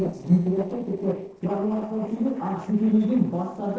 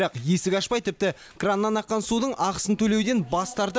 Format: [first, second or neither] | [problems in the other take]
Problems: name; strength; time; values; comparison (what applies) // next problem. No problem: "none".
second | noise reduction (neural separator model SepFormer DNS4)